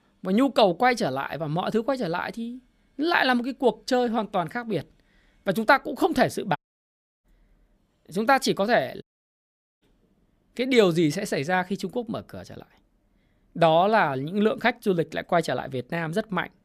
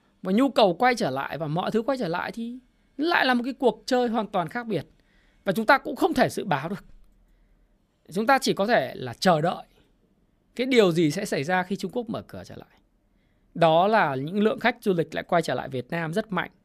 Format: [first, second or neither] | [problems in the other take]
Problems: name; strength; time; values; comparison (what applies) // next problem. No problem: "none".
second | audio cutting out; at 6.5 s for 0.5 s and at 9 s for 1 s